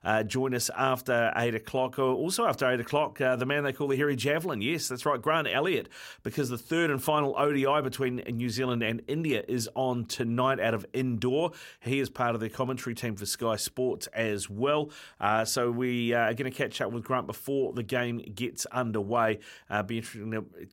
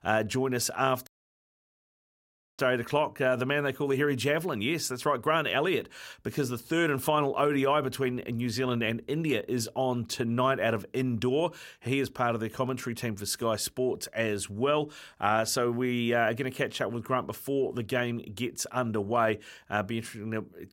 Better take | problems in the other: first | audio cutting out; at 1 s for 1.5 s

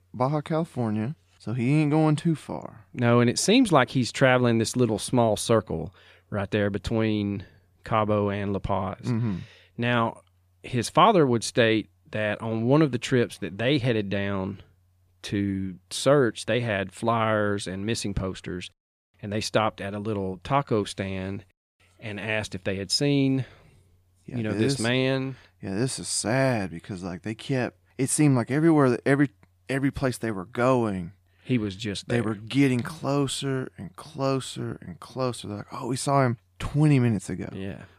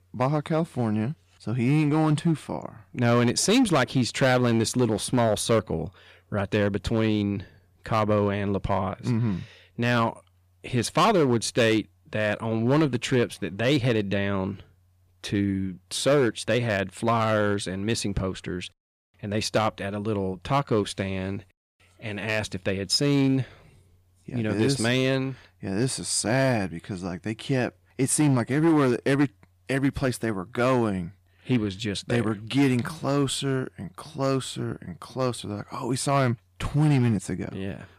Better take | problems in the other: first | distortion; slight; 4% of the sound clipped

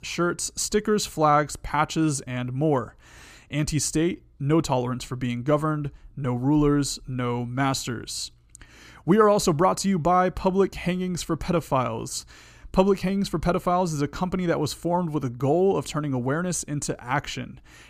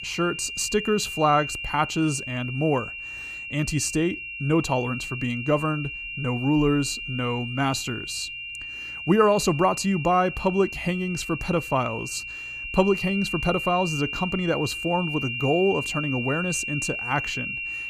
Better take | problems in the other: first | high-pitched whine; loud; throughout; 3 kHz, 6 dB below the speech

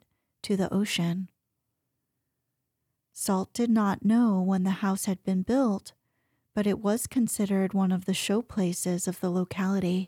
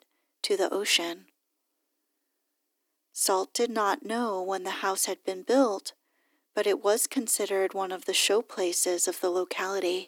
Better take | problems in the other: first | thin; very; fading below 300 Hz

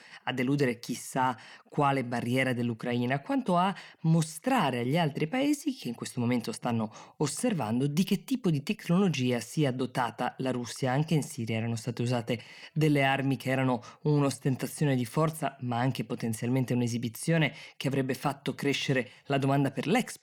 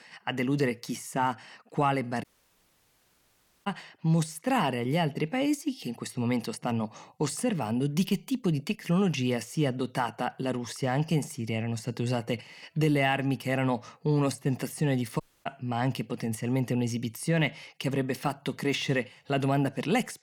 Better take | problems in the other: first | audio cutting out; at 2 s for 1.5 s and at 15 s

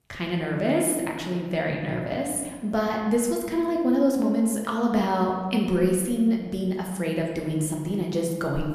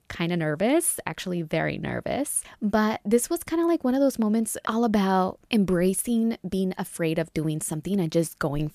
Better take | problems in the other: second | room echo; noticeable; dies away in 1.2 s // off-mic speech; somewhat distant

